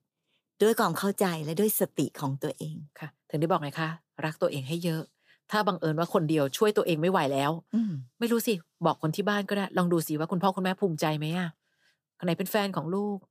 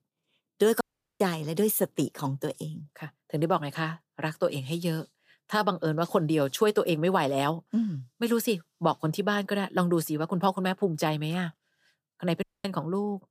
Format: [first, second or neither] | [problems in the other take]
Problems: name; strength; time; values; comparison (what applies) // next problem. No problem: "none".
first | audio cutting out; at 1 s and at 12 s